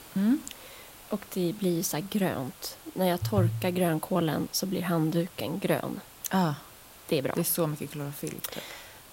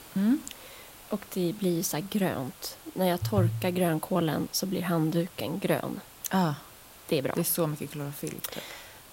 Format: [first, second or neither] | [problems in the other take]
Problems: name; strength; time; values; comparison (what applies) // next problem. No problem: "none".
neither | hiss; noticeable; throughout; 20 dB below the speech; the same in both